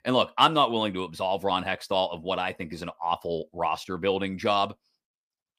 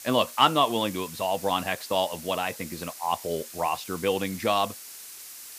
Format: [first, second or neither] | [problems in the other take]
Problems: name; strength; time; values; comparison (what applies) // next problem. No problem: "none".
first | hiss; noticeable; throughout; 15 dB below the speech